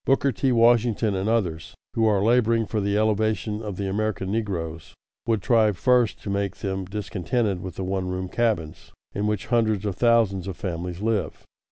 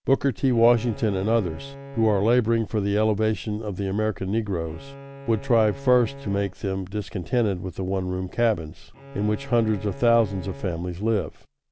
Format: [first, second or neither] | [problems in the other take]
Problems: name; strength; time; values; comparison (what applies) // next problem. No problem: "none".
first | background sound (Bowed string instrument); 18 dB below the speech